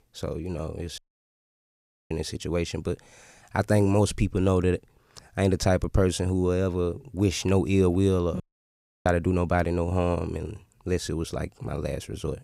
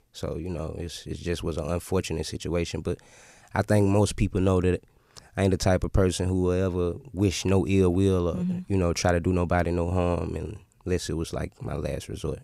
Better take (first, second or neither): second